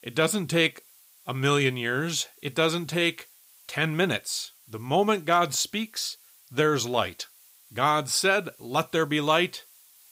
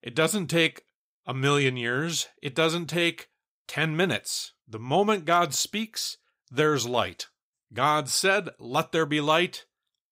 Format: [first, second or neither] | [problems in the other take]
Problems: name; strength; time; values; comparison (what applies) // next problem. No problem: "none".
second | hiss; faint; throughout; 25 dB below the speech